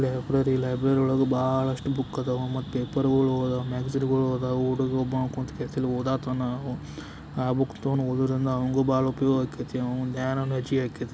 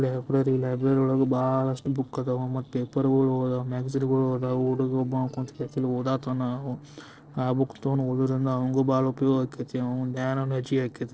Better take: first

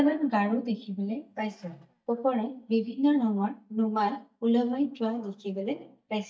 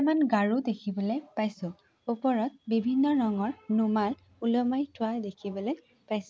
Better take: second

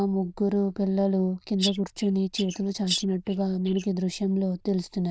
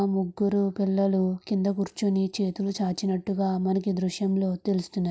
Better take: second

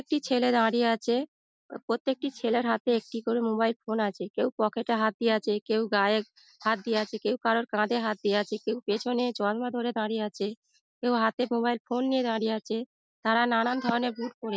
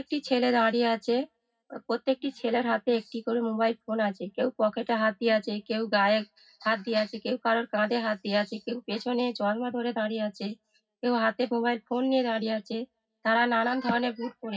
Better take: first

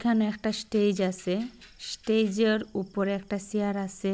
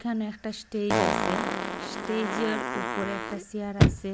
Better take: first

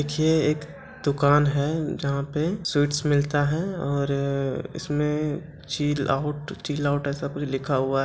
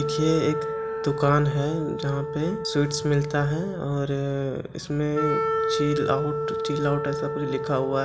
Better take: first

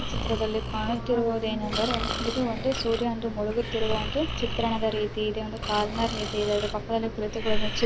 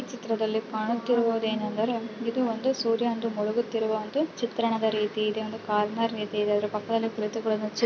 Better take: second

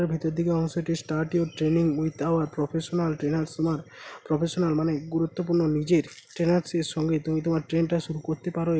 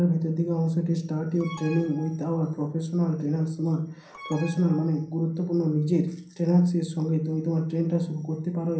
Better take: first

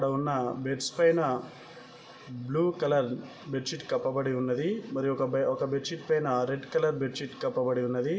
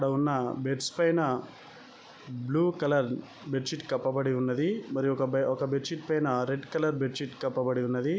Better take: second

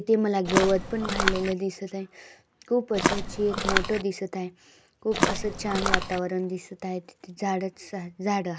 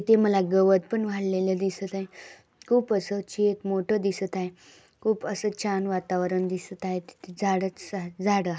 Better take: second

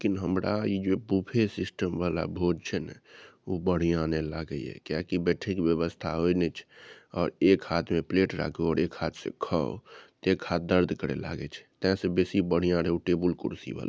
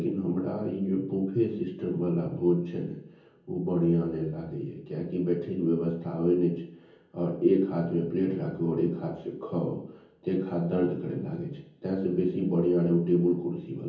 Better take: first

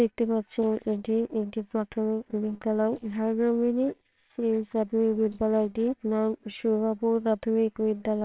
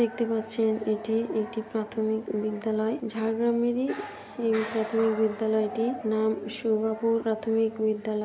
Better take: second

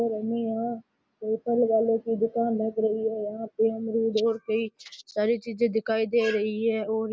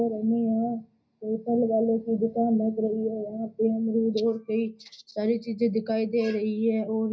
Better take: first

